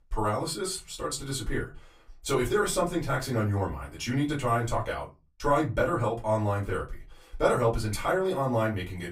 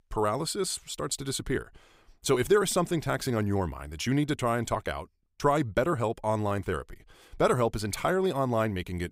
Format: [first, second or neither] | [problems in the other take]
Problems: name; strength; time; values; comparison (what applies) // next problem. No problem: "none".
second | off-mic speech; far // room echo; very slight; dies away in 0.2 s